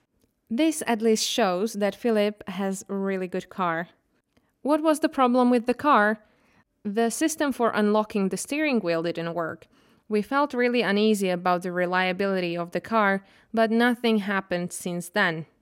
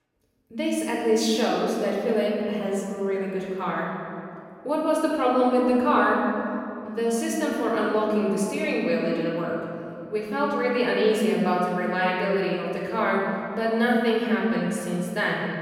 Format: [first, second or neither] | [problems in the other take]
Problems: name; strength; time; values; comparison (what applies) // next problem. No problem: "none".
first | off-mic speech; far // room echo; noticeable; dies away in 2.4 s